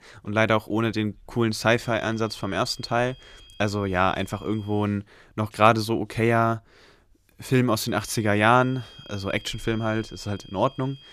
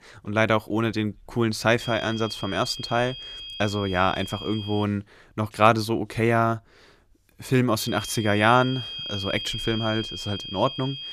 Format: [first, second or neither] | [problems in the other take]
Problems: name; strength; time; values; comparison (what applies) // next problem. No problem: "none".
first | high-pitched whine; loud; from 2 to 5 s and from 8 s on; 3 kHz, 9 dB below the speech; faint in the first